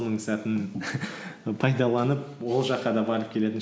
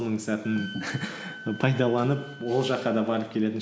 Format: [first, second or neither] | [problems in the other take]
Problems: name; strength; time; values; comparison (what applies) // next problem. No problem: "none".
first | background sound (Wind instrument, woodwind instrument); 18 dB below the speech